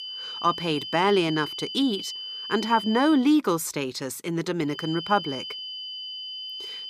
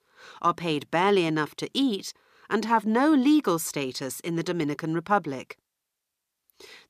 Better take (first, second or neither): second